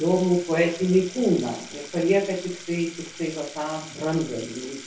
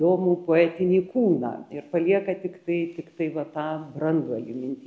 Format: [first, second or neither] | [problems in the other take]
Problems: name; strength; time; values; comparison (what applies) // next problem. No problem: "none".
second | background sound (Sink (filling or washing) / Water tap, faucet); 16 dB below the speech // room echo; dies away in 0.3 s